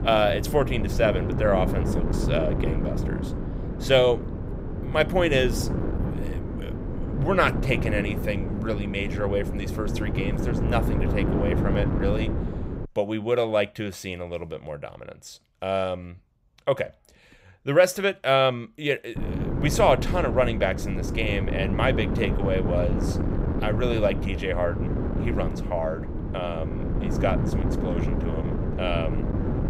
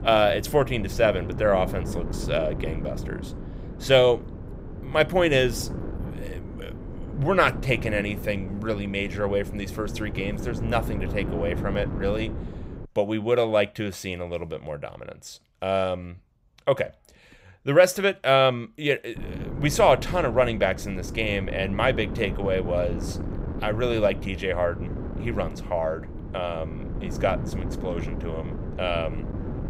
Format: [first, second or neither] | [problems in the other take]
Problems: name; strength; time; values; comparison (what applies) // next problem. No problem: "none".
second | wind noise on the microphone; heavy; until 13 s and from 19 s on; 9 dB below the speech; occasional gusts in the second